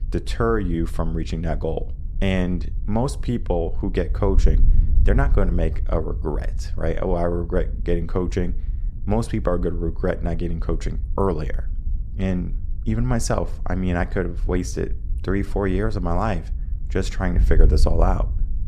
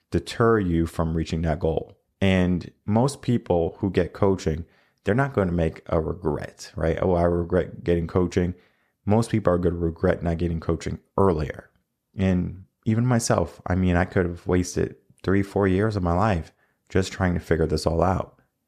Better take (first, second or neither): second